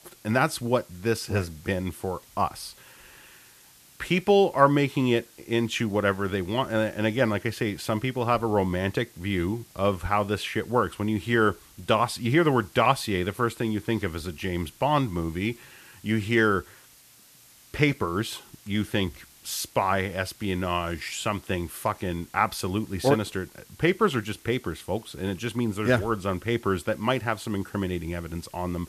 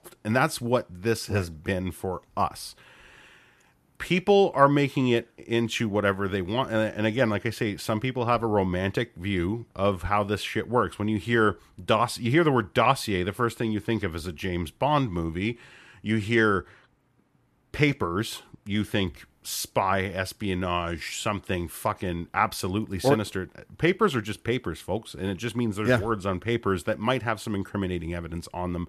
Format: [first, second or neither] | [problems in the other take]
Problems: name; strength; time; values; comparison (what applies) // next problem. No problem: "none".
second | hiss; faint; throughout; 25 dB below the speech